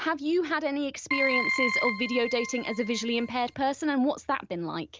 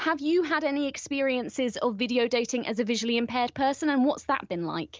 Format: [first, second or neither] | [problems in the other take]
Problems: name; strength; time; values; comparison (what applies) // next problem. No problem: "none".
second | background sound (Keyboard (musical)); 2 dB below the speech